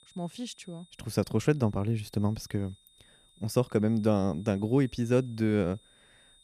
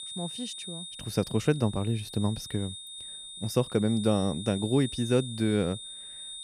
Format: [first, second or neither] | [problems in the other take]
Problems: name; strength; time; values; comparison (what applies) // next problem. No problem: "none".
first | high-pitched whine; loud; throughout; 3.5 kHz, 10 dB below the speech; faint in the first